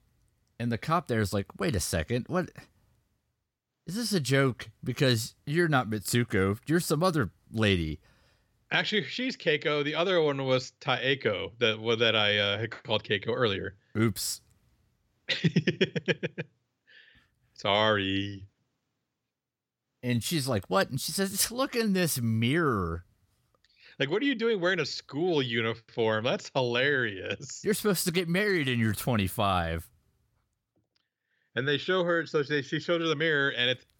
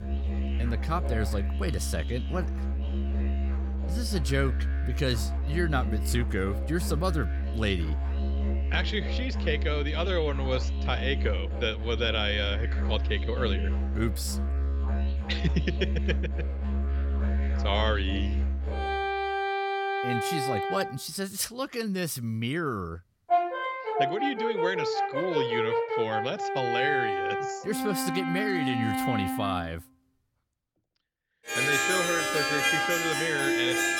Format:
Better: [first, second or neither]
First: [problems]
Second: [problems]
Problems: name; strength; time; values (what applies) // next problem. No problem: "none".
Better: first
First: none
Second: background music; very loud; throughout; 2 dB above the speech